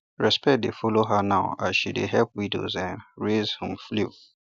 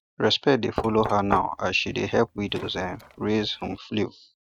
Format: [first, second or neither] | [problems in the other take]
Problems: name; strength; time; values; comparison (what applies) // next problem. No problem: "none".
first | noise reduction (neural mask model RNNoise)